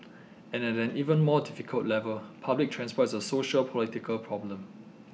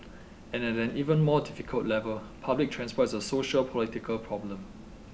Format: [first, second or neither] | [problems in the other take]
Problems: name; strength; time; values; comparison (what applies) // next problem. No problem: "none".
first | background sound (Mechanisms); 19 dB below the speech